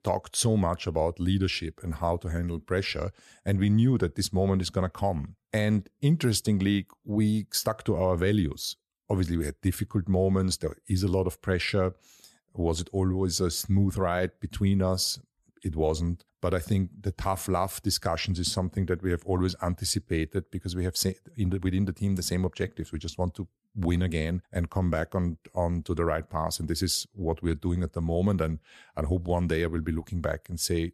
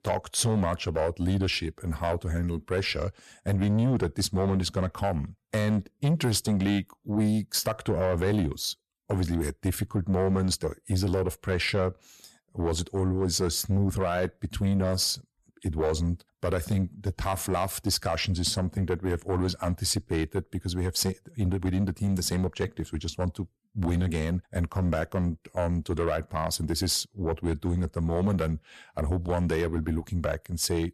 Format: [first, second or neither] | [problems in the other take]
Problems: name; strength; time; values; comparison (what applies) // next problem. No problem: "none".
first | distortion; slight; 10 dB below the speech